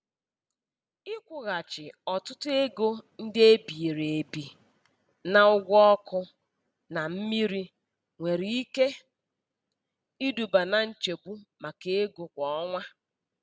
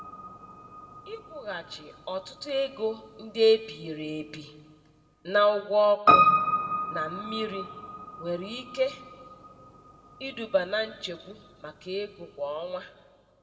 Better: first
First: none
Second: background sound (Piano); 1 dB below the speech // room echo; dies away in 1.2 s

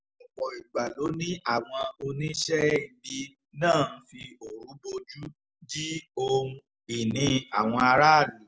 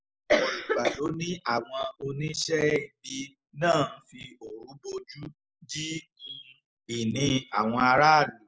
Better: first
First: none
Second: noise reduction (neural mask model Resemble Enhance denoiser)

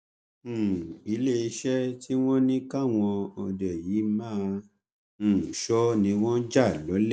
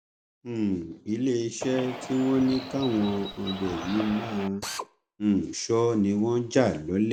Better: first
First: none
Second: background sound (Drill + Bird); 10 dB below the speech

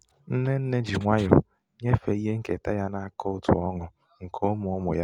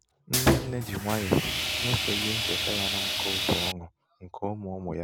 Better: first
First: none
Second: background sound (Sawing); 4 dB above the speech

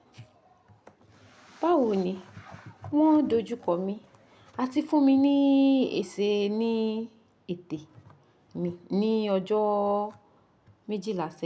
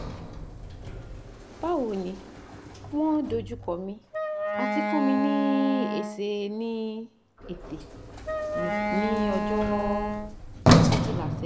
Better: first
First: none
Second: background sound (Sliding door + Wind instrument, woodwind instrument); 2 dB above the speech

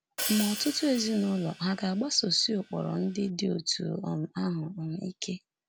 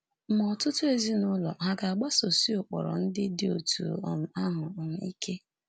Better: second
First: background sound (Hi-hat); 10 dB below the speech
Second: none

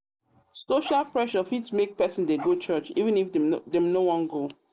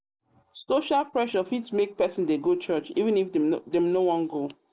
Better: second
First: background sound (Dog); 18 dB below the speech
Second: none

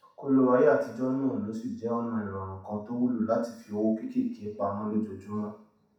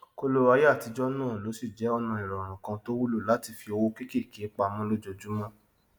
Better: second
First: room echo; dies away in 0.7 s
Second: none

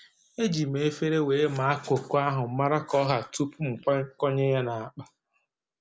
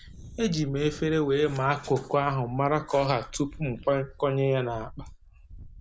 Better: first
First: none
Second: background sound (Wind); 18 dB below the speech

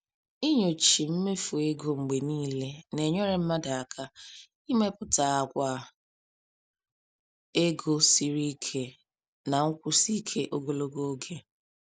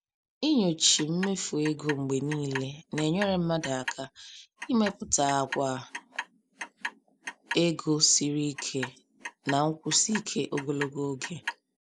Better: first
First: none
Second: background sound (Clock); 12 dB below the speech

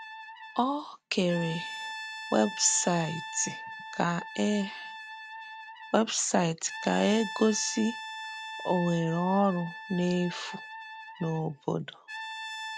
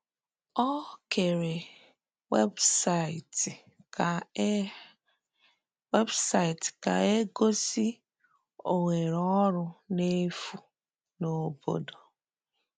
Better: second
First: background sound (Brass instrument); 11 dB below the speech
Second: none

